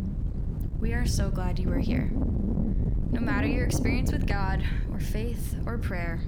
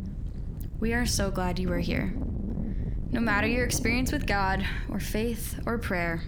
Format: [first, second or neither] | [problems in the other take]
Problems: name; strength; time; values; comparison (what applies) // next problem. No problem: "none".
second | wind noise on the microphone; heavy; 3 dB below the speech; occasional gusts in the second